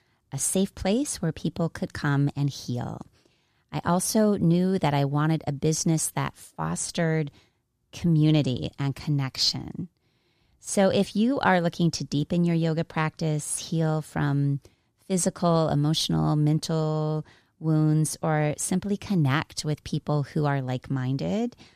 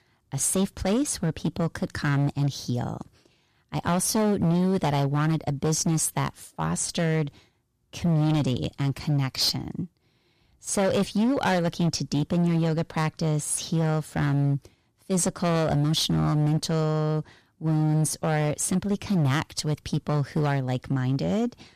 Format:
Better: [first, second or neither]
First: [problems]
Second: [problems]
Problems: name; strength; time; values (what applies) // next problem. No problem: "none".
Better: first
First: none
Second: distortion; slight; 12% of the sound clipped